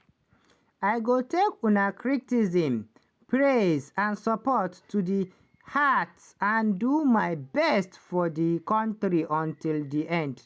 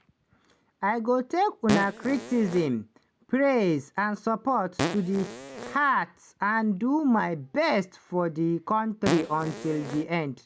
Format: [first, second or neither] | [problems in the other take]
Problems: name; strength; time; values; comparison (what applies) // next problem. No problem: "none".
first | background sound (Fart); 6 dB below the speech